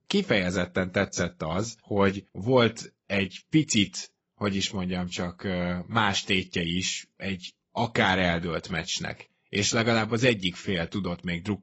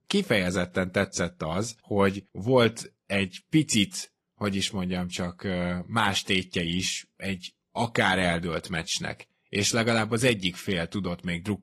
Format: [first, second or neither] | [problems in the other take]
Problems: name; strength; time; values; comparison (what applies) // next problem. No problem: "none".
second | garbled, watery; badly; nothing above 8 kHz; slightly in the second